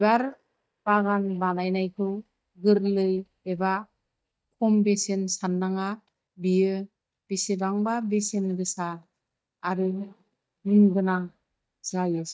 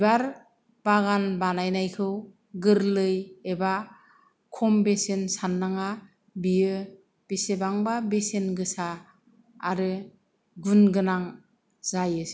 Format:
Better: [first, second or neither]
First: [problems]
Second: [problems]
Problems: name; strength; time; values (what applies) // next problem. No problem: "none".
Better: second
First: noise reduction (neural mask model DeepFilterNet 3)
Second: none